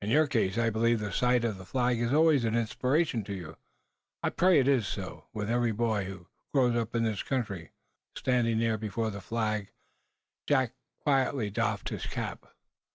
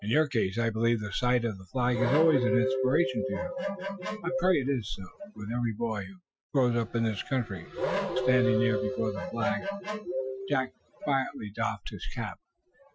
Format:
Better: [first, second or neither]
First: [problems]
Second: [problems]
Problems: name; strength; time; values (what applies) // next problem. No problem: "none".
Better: first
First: none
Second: noise reduction (classical method Wiener filter)